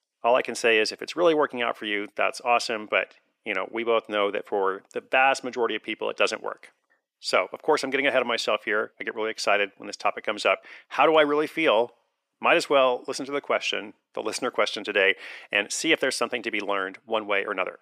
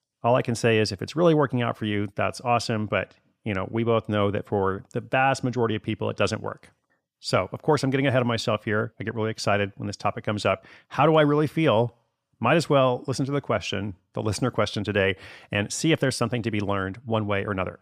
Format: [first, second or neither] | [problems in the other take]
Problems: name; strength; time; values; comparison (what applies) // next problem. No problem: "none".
second | thin; somewhat; fading below 350 Hz